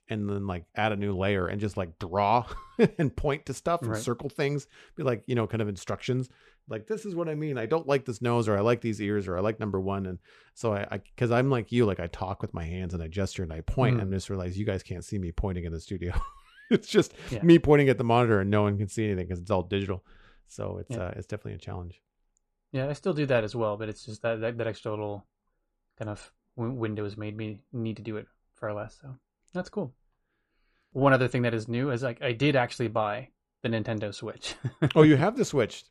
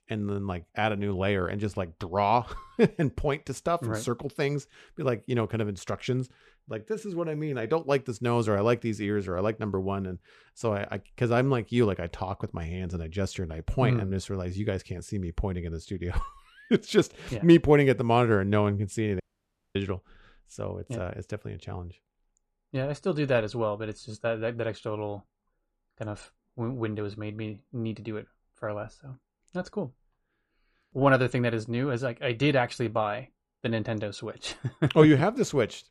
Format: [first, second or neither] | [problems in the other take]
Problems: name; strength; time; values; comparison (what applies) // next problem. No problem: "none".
first | audio cutting out; at 19 s for 0.5 s